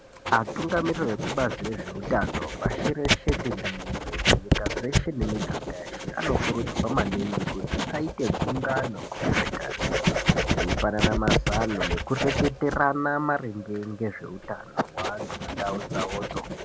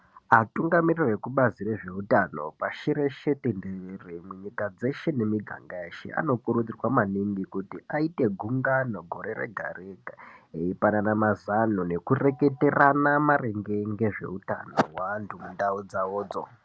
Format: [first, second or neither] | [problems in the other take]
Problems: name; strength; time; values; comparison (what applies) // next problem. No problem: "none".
second | background sound (Writing); 1 dB above the speech